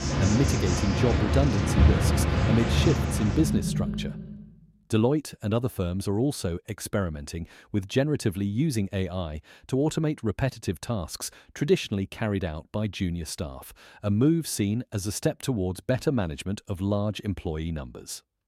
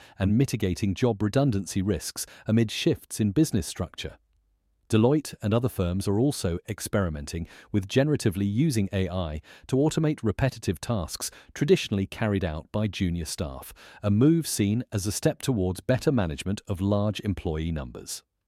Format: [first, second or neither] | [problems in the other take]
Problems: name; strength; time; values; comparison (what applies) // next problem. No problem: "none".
second | animal sounds; very loud; until 4 s; 3 dB above the speech